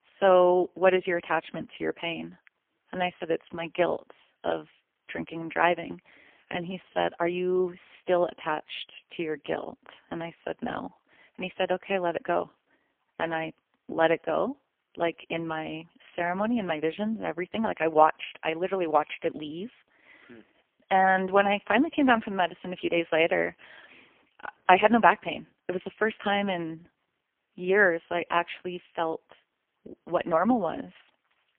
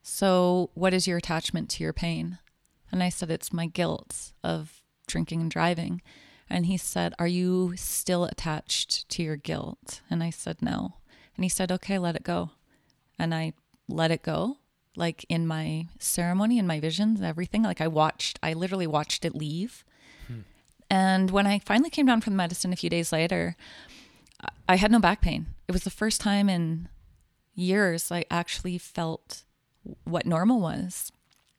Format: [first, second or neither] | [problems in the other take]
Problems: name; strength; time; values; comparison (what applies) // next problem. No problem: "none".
second | phone-call audio; poor line; nothing above 3 kHz